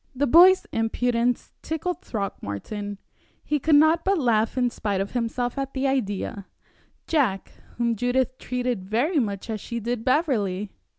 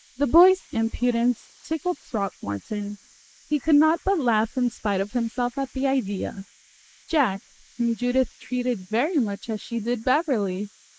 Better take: first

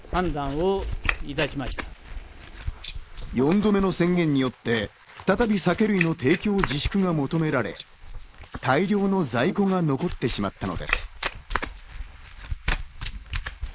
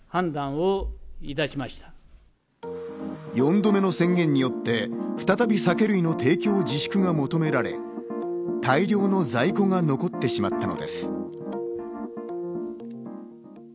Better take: second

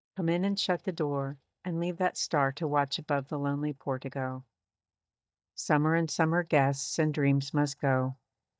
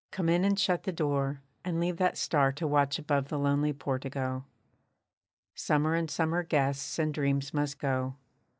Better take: second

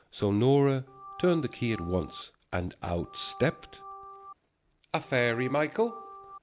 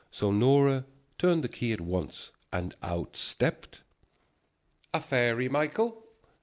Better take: second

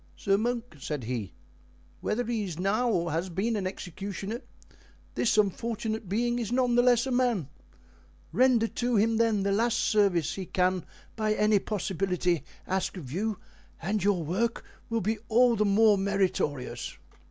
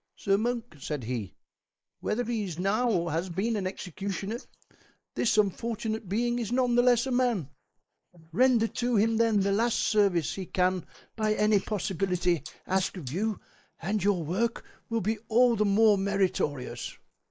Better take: first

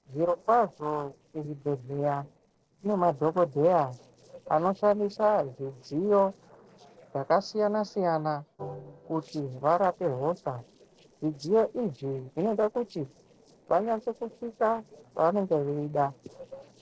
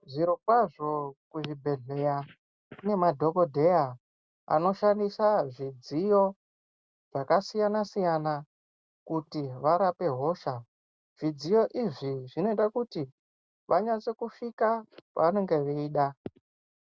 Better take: second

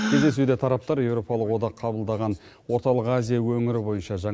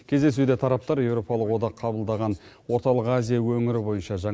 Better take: second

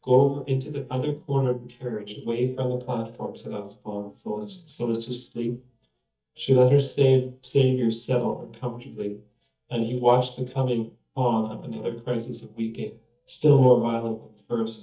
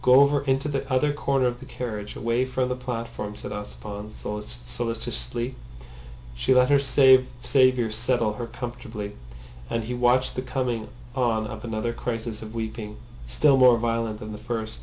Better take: second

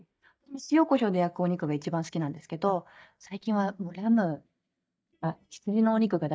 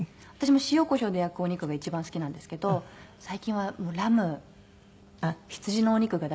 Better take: second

